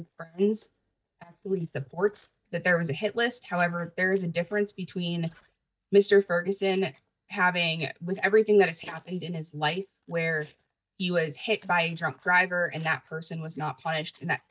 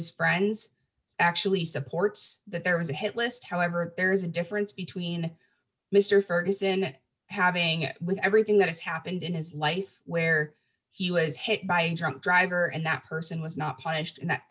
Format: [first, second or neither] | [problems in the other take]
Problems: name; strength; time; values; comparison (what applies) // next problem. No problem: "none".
second | noise reduction (neural mask model DeepFilterNet 3)